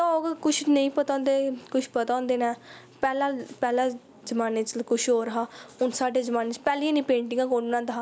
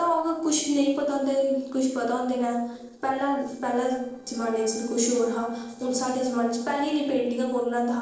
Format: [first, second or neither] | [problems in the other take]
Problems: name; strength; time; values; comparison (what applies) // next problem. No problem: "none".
first | noise reduction (neural separator model SepFormer DNS4)